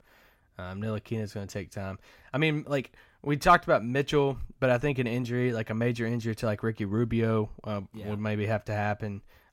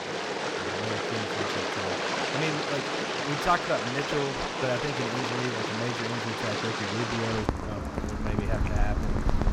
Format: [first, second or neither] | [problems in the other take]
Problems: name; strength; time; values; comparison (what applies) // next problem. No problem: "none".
first | rain or running water; very loud; throughout; 3 dB above the speech